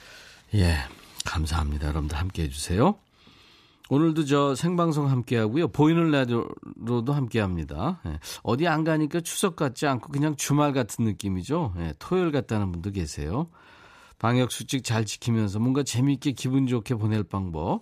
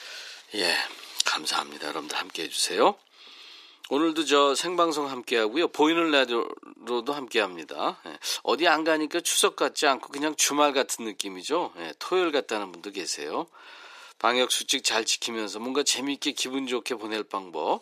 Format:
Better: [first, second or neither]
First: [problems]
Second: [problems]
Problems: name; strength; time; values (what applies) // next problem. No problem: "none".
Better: first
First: none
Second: thin; very; fading below 350 Hz